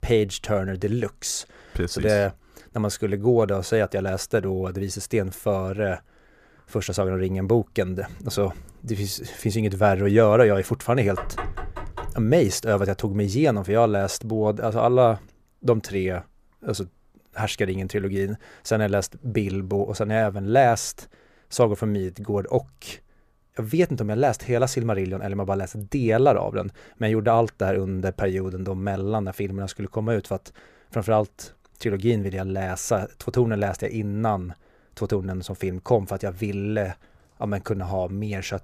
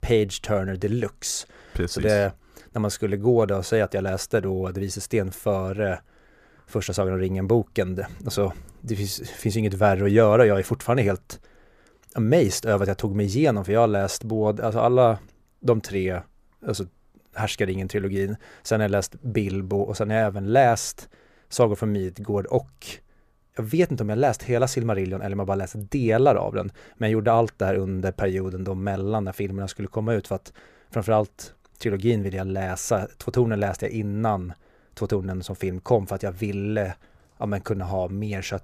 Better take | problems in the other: second | door banging; noticeable; from 11 to 12 s; peak 8 dB below the speech

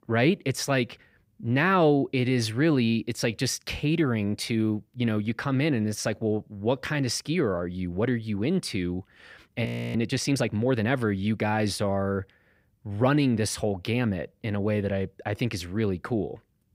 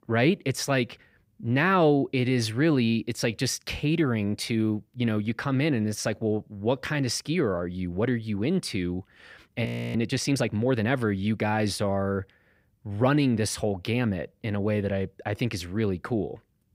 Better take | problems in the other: neither | audio freezing; at 9.5 s; the same in both

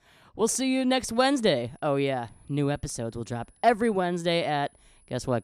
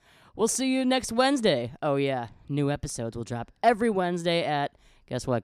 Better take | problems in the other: second | high-pitched whine; faint; from 1 s on; 10 kHz, 35 dB below the speech

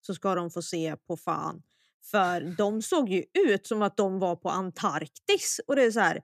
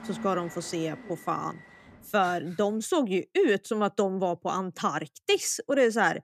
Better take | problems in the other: first | train or aircraft noise; noticeable; until 2 s; 20 dB below the speech

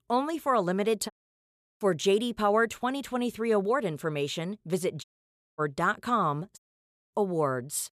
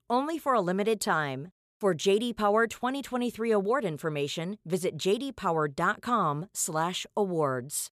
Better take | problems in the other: second | audio cutting out; at 1 s for 0.5 s, at 5 s for 0.5 s and at 6.5 s for 0.5 s

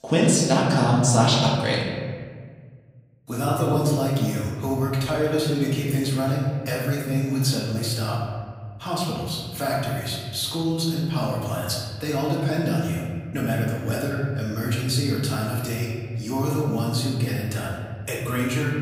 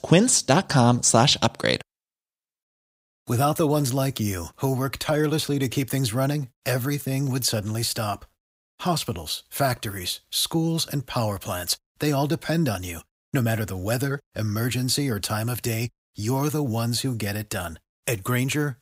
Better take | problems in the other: second | room echo; noticeable; dies away in 1.7 s // off-mic speech; far

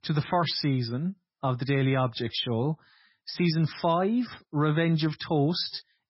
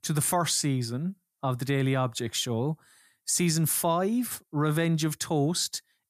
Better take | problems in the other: second | garbled, watery; badly; nothing above 5.5 kHz

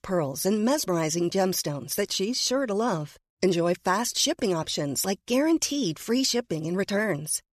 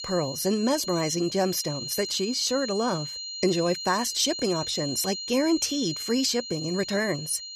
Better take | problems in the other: first | high-pitched whine; loud; throughout; 4 kHz, 7 dB below the speech

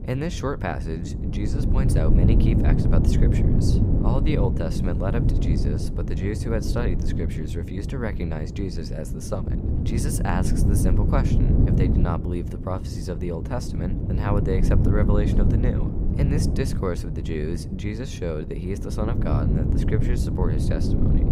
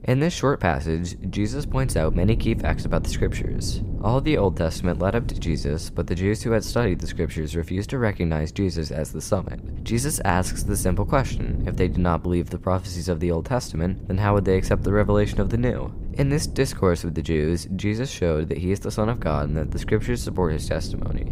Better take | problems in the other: second | wind noise on the microphone; heavy; 2 dB below the speech; occasional gusts in the second

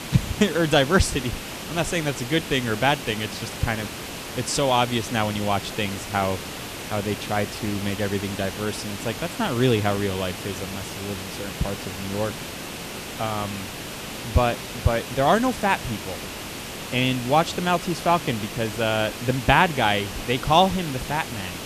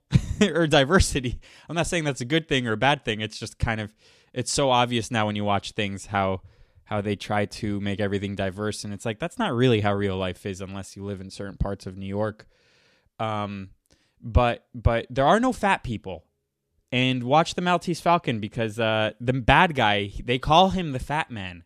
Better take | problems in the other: second | hiss; loud; throughout; 9 dB below the speech

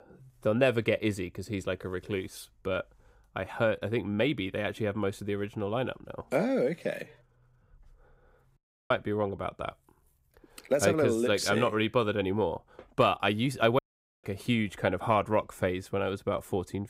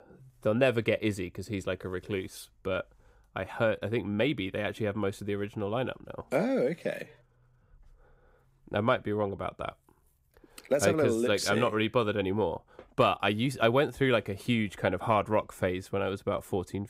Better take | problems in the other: second | audio cutting out; at 8.5 s and at 14 s

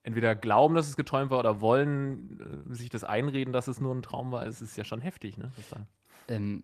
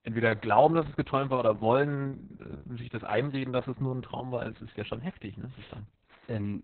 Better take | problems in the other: first | garbled, watery; badly; nothing above 4 kHz; slightly in the first

